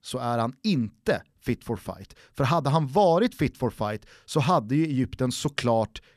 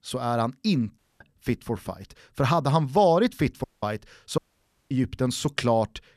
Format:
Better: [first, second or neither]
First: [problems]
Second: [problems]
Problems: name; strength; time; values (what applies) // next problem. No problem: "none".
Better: first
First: none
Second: audio cutting out; at 1 s, at 3.5 s and at 4.5 s for 0.5 s